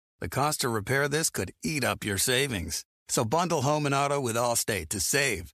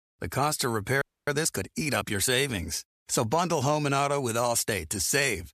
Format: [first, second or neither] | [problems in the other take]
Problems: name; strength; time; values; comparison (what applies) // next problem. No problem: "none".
first | audio freezing; at 1 s